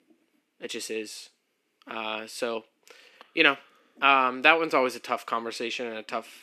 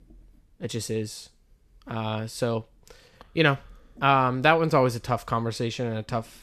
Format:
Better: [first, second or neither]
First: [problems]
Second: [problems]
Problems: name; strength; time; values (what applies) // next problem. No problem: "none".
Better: second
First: thin; somewhat; fading below 300 Hz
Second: none